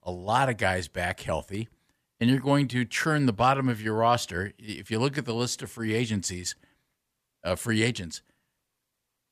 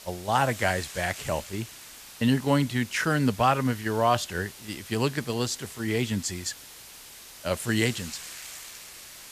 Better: first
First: none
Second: hiss; noticeable; throughout; 15 dB below the speech

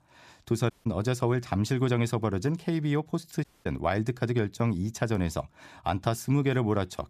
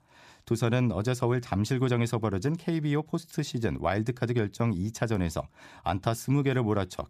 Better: second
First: audio cutting out; at 0.5 s and at 3.5 s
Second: none

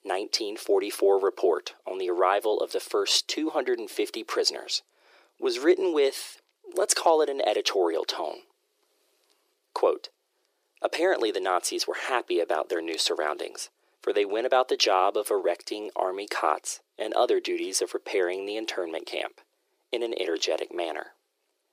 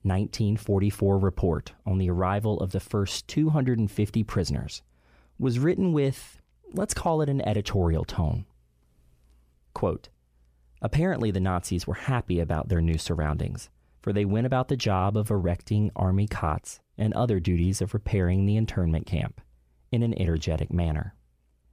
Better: second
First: thin; very; fading below 350 Hz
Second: none

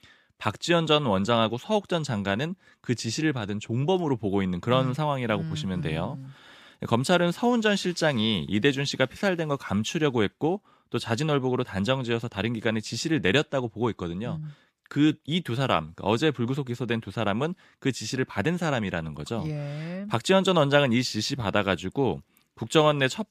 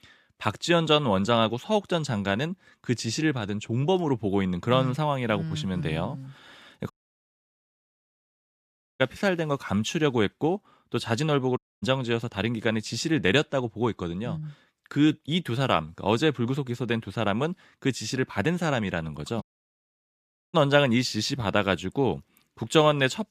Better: first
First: none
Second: audio cutting out; at 7 s for 2 s, at 12 s and at 19 s for 1 s

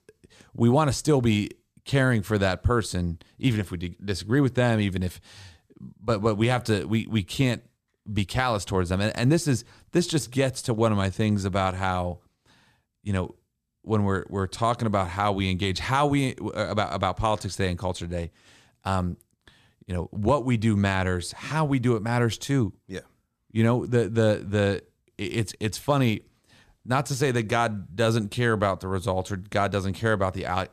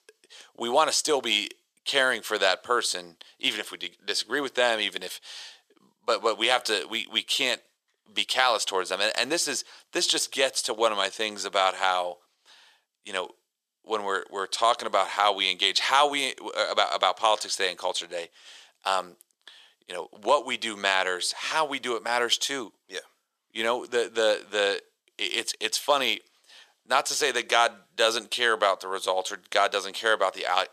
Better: first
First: none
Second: thin; very; fading below 500 Hz

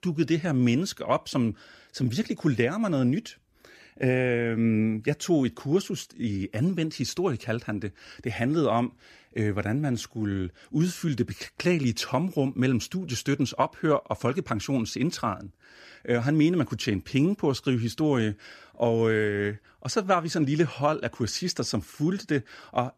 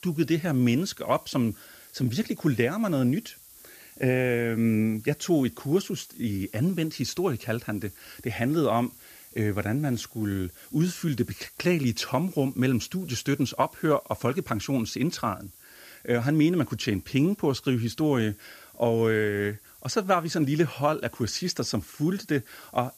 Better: first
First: none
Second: hiss; faint; throughout; 20 dB below the speech

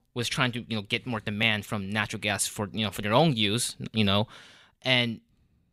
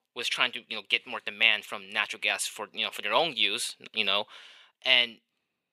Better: first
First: none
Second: thin; very; fading below 500 Hz

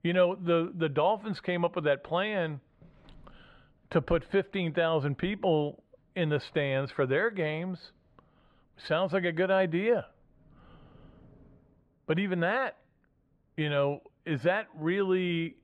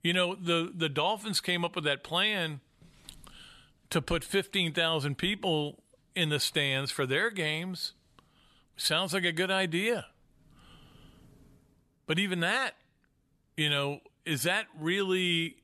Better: second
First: muffled; very; fading above 1.5 kHz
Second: none

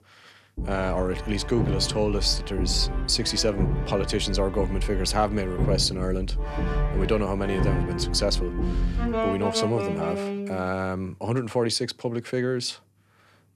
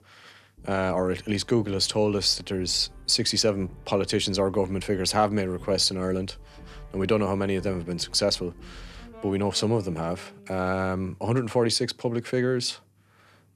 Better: second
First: background music; loud; until 11 s; 3 dB below the speech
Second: background music; faint; until 11 s; 25 dB below the speech

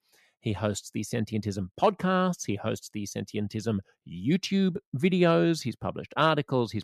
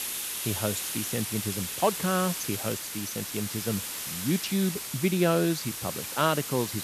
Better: first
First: none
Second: hiss; loud; throughout; 3 dB below the speech

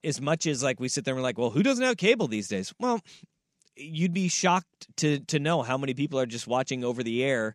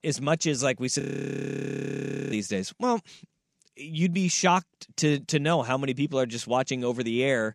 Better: first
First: none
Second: audio freezing; at 1 s for 1.5 s

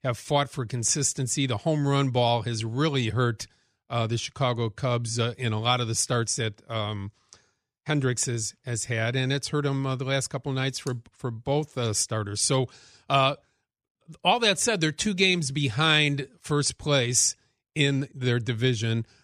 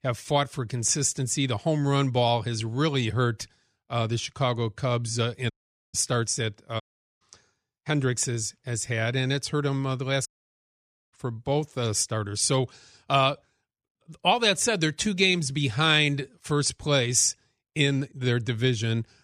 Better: first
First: none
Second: audio cutting out; at 5.5 s, at 7 s and at 10 s for 1 s

